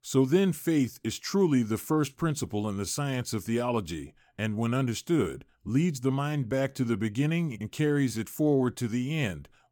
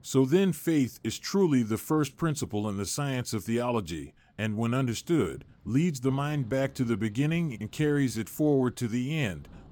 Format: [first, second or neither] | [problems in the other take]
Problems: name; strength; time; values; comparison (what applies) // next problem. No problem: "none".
first | rain or running water; faint; throughout; 30 dB below the speech